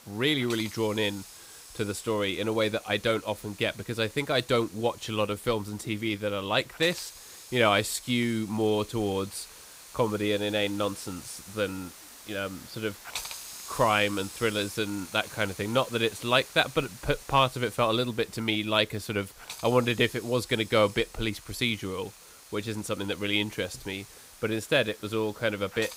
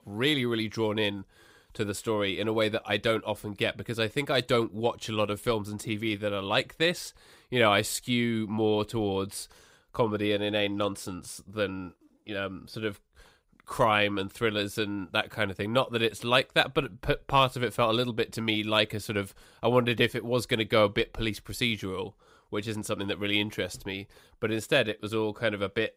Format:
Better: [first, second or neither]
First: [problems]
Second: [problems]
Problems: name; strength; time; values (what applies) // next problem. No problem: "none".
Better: second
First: hiss; noticeable; throughout; 15 dB below the speech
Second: none